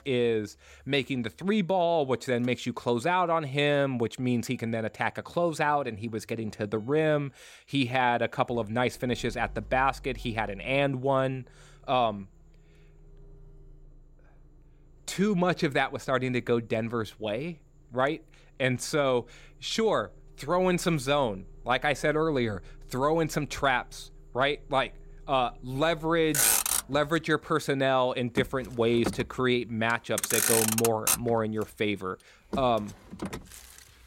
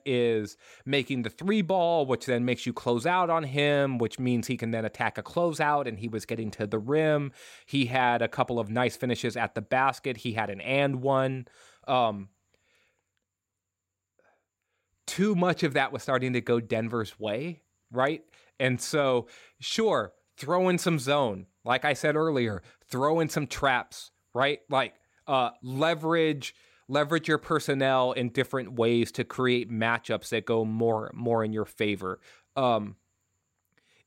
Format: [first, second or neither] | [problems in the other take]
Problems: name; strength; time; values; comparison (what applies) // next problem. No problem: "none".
second | traffic noise; loud; throughout; as loud as the speech